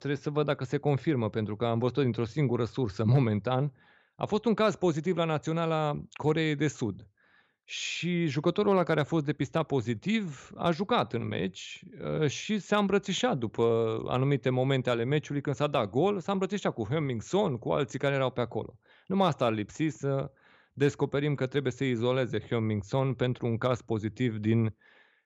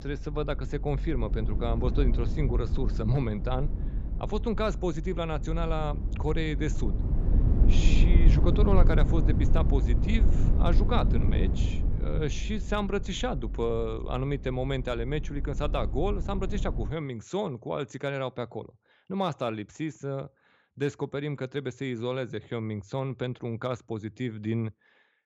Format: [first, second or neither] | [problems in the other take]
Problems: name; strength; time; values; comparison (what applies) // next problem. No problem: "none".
first | low rumble; loud; until 17 s; 8 dB below the speech